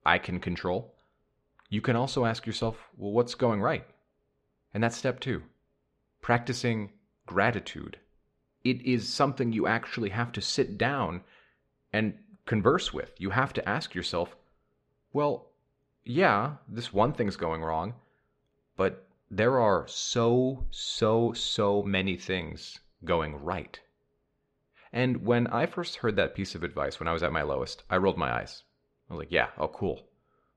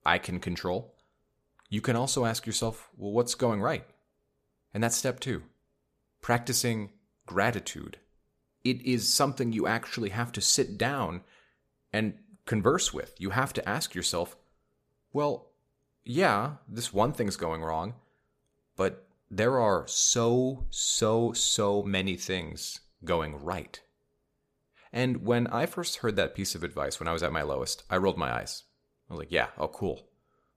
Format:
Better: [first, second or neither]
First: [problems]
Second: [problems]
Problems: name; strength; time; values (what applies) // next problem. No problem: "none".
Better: second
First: muffled; slightly; fading above 3 kHz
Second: none